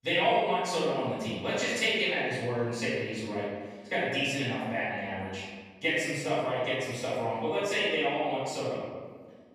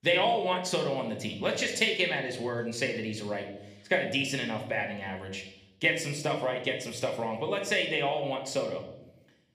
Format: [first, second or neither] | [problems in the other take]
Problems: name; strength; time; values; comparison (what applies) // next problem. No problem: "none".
second | room echo; strong; dies away in 1.5 s; slight in the second // off-mic speech; far; somewhat distant in the second